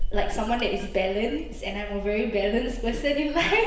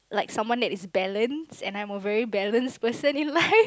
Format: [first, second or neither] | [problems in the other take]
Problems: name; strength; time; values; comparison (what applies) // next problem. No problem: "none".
second | background sound (Engine starting / Car); 5 dB below the speech // room echo; dies away in 0.9 s